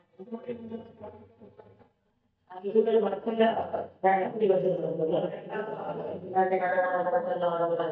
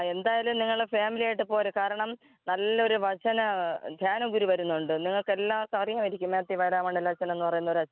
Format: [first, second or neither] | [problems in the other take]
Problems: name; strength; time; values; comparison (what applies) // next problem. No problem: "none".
second | noise reduction (neural mask model DeepFilterNet 3)